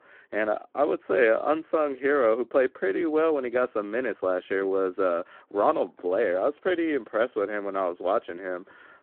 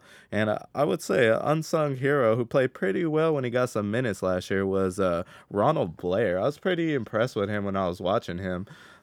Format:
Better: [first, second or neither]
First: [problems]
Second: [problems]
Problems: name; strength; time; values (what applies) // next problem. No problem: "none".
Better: second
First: phone-call audio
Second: none